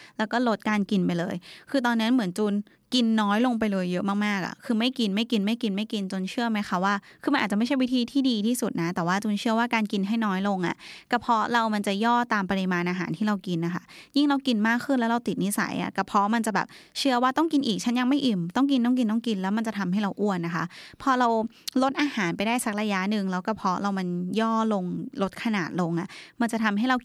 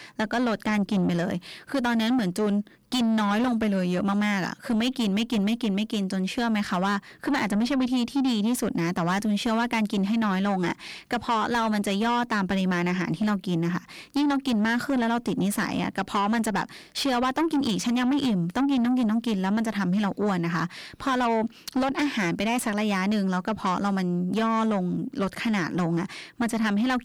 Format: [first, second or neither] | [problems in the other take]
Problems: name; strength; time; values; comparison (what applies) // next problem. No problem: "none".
first | distortion; slight; 10 dB below the speech